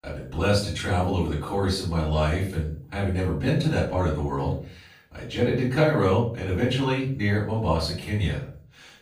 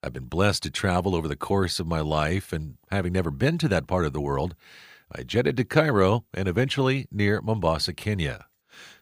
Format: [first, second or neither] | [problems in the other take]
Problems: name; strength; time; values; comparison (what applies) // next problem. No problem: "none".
second | off-mic speech; far // room echo; noticeable; dies away in 0.4 s